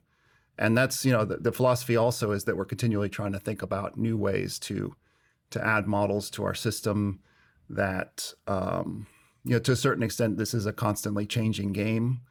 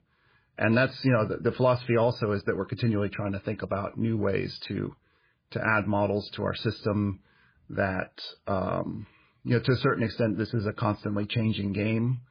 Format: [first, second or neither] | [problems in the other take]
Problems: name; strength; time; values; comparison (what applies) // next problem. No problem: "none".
first | garbled, watery; badly; nothing above 5 kHz